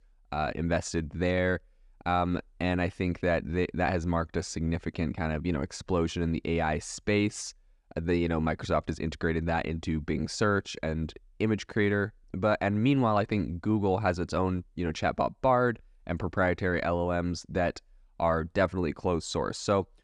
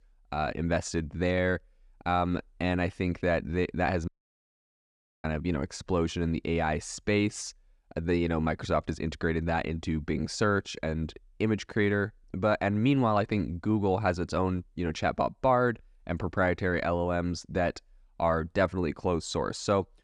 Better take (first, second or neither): first